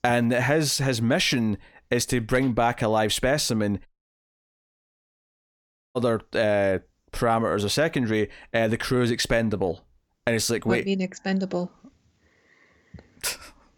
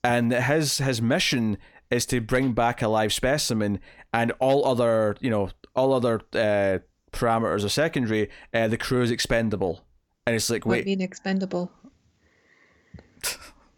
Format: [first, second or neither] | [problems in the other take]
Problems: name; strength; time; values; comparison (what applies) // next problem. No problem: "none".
second | audio cutting out; at 4 s for 2 s